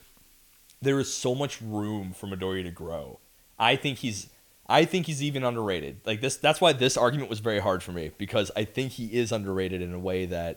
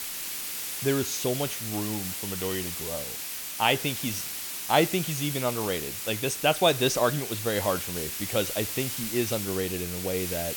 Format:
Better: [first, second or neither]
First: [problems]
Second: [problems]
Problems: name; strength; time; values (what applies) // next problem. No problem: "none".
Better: first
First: hiss; faint; throughout; 30 dB below the speech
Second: hiss; loud; throughout; 3 dB below the speech